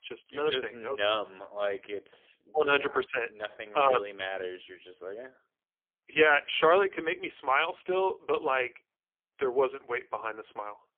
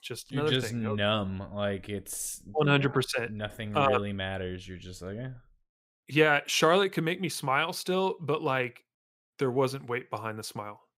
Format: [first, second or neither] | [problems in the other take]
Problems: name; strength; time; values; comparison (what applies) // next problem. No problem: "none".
second | phone-call audio; poor line; nothing above 3.5 kHz